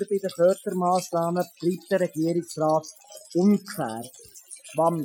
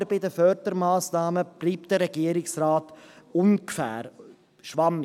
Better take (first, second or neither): second